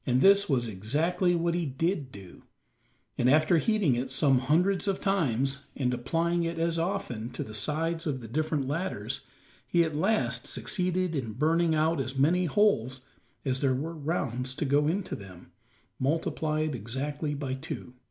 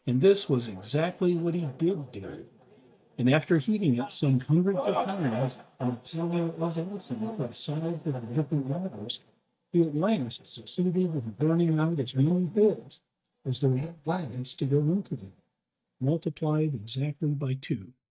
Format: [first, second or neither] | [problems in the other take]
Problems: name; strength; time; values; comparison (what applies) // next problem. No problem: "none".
first | noise reduction (neural mask model DeepFilterNet 3)